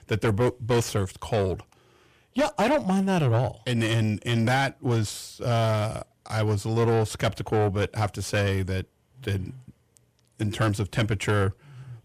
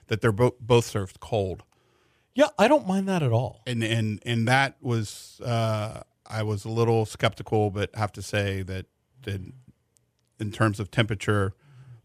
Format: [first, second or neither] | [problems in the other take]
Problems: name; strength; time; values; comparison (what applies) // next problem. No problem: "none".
second | distortion; heavy; 7 dB below the speech